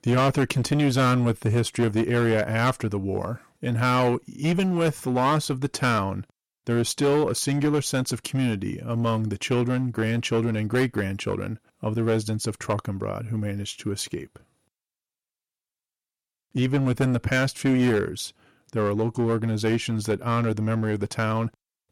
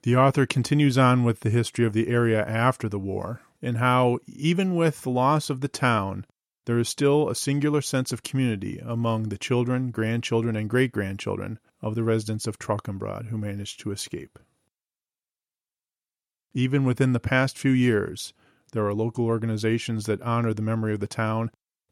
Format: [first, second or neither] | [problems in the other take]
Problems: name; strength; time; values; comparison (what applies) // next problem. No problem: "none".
second | distortion; slight; 9% of the sound clipped